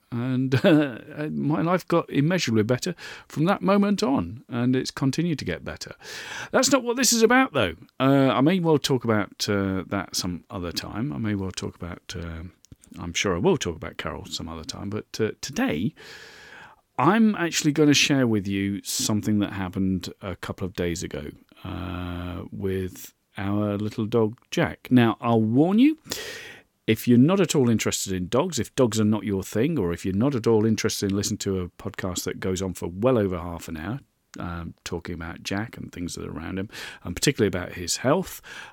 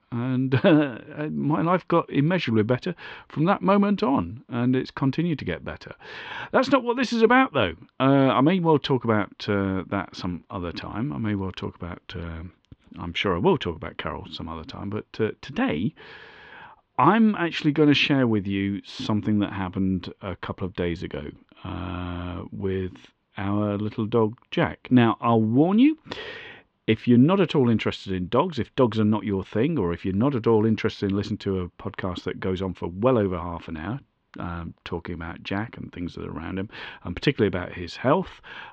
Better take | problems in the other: first | muffled; very; fading above 3.5 kHz

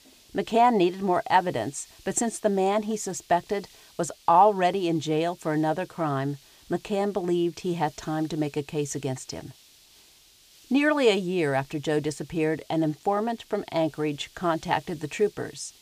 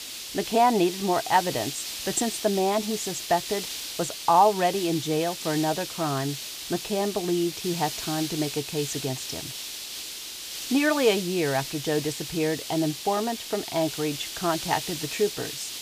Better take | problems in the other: first | hiss; loud; throughout; 6 dB below the speech; faint in the first

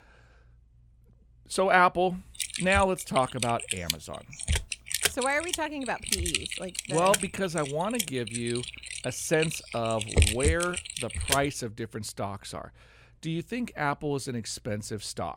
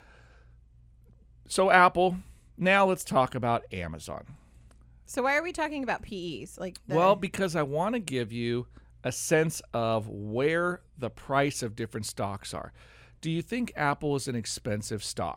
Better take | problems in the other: second | keyboard typing; loud; from 2.5 to 11 s; peak 5 dB above the speech

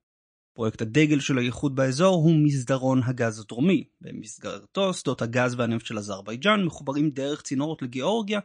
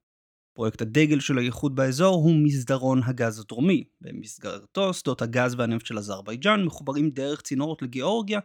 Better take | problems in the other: second | garbled, watery; slightly; nothing above 9 kHz

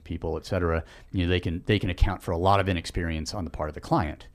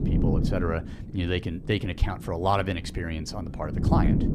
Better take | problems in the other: first | wind noise on the microphone; heavy; 7 dB below the speech

